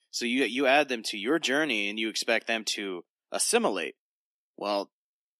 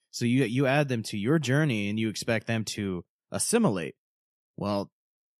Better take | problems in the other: second | thin; somewhat; fading below 250 Hz

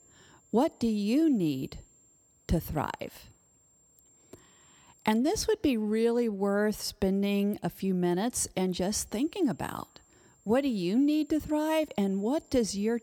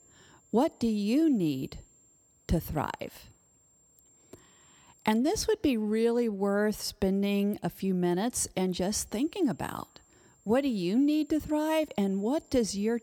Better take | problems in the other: neither | high-pitched whine; faint; until 5 s and from 9 s on; 7.5 kHz, 30 dB below the speech; the same in both

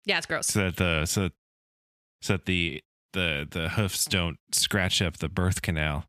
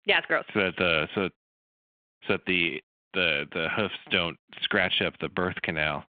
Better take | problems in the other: first | phone-call audio

